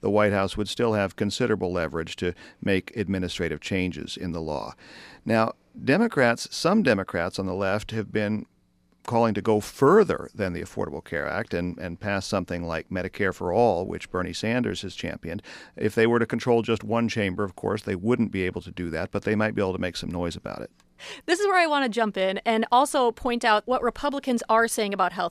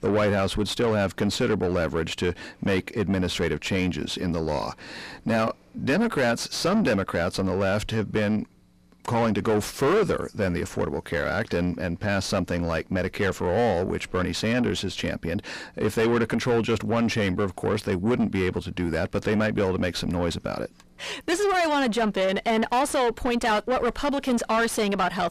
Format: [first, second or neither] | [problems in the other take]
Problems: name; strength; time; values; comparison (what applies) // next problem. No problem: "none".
first | distortion; heavy; 6 dB below the speech